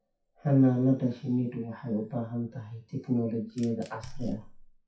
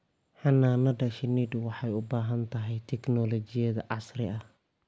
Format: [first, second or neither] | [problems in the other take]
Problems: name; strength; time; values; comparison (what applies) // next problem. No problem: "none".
second | noise reduction (classical method WPE with log-MMSE)